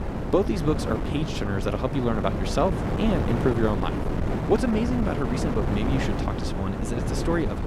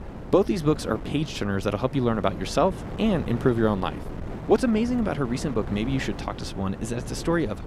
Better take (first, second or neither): second